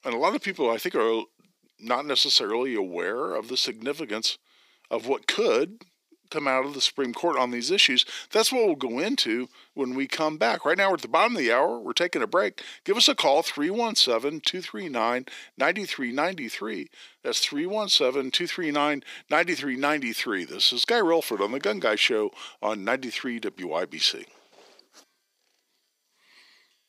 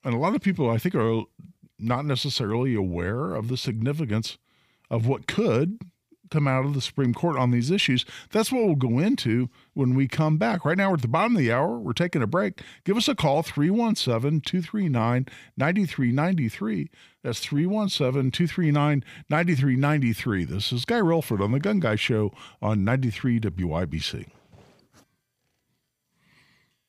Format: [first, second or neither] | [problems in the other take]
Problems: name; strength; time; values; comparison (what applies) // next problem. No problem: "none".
second | thin; somewhat; fading below 300 Hz